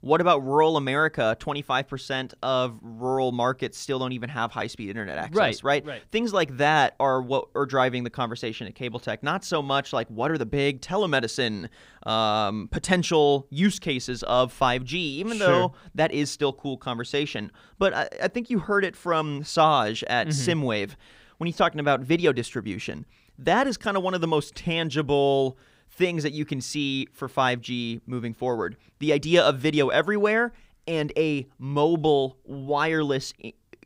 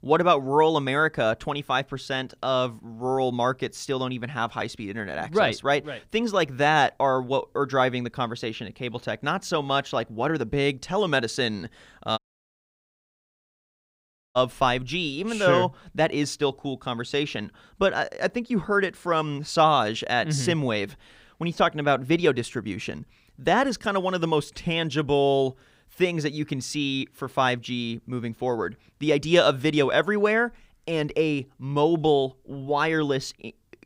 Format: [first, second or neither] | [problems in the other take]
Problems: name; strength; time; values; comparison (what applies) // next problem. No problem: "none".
first | audio cutting out; at 12 s for 2 s